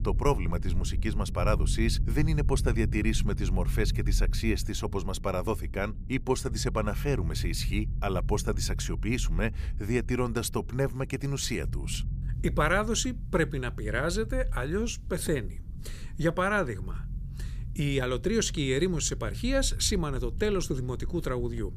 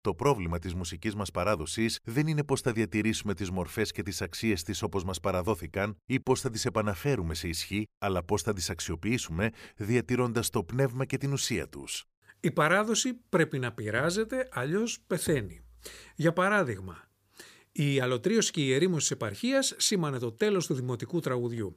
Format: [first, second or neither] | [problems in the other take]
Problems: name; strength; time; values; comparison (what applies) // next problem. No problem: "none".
second | low rumble; noticeable; throughout; 20 dB below the speech